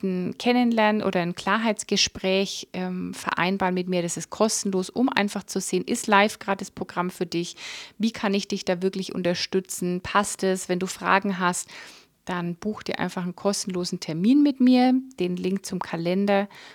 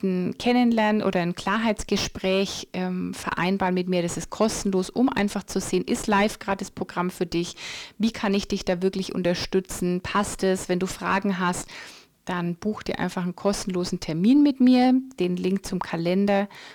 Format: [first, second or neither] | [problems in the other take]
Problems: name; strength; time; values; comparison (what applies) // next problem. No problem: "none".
first | distortion; slight; 8 dB below the speech